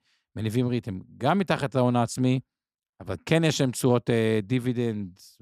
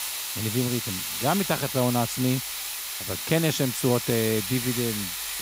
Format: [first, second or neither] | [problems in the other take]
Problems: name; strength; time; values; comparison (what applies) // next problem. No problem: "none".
first | hiss; loud; throughout; 3 dB below the speech